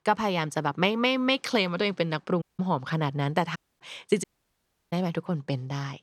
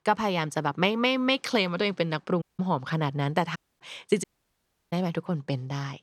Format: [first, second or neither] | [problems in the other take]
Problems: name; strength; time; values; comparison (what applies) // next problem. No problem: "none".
neither | audio cutting out; at 2.5 s, at 3.5 s and at 4 s for 0.5 s; the same in both